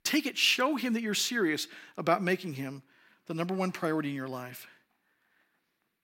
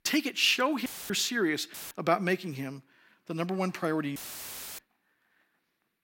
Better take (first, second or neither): first